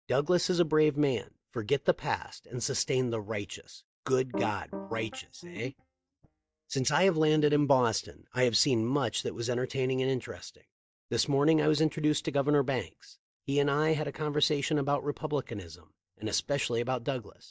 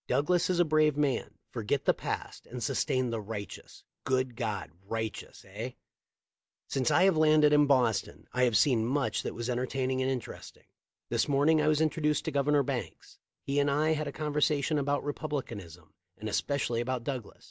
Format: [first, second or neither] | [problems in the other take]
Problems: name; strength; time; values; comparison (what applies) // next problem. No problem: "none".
second | noise reduction (neural mask model DeepFilterNet 3)